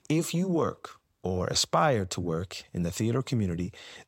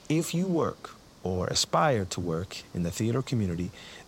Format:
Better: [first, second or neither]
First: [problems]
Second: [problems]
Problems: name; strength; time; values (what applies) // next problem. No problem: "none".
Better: first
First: none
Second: hiss; faint; throughout; 25 dB below the speech